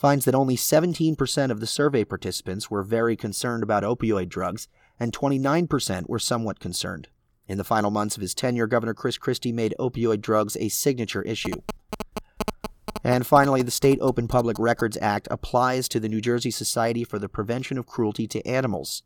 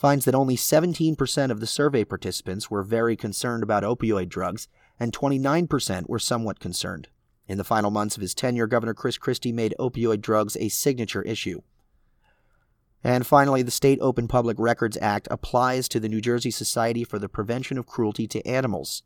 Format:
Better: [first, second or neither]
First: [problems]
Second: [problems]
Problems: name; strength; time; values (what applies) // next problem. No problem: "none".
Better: second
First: phone ringing; noticeable; from 11 to 15 s; peak 7 dB below the speech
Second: none